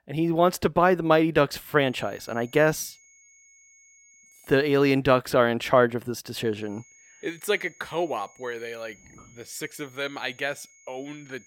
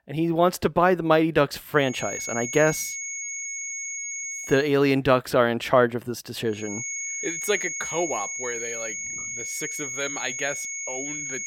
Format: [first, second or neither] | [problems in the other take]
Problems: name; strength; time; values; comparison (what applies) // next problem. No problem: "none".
first | high-pitched whine; loud; from 2 to 4.5 s and from 6.5 s on; 6.5 kHz, 6 dB below the speech; faint in the first